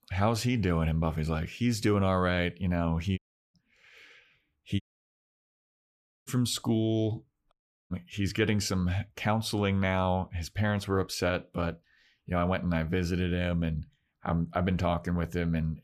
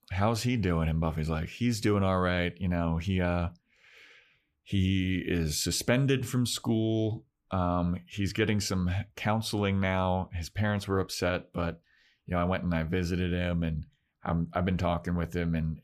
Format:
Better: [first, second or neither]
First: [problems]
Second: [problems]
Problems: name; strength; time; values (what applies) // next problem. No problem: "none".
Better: second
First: audio cutting out; at 3 s, at 5 s for 1.5 s and at 7.5 s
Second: none